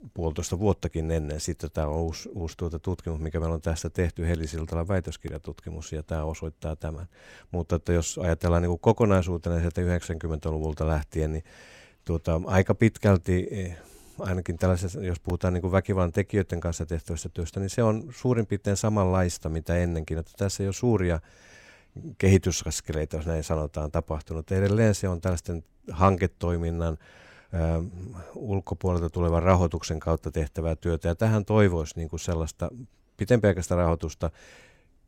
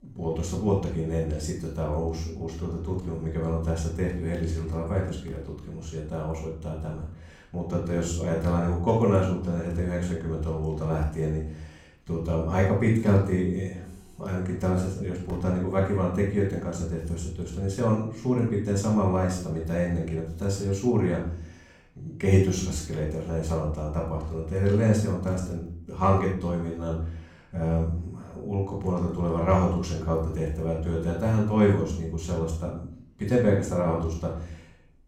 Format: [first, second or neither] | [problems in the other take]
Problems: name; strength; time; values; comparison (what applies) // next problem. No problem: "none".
first | off-mic speech; far // room echo; noticeable; dies away in 0.5 s